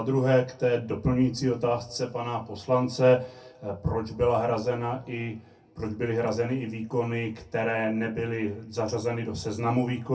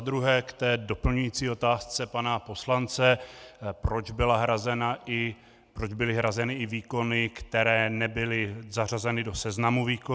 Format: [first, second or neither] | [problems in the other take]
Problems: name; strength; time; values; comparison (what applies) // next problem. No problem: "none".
second | room echo; dies away in 0.3 s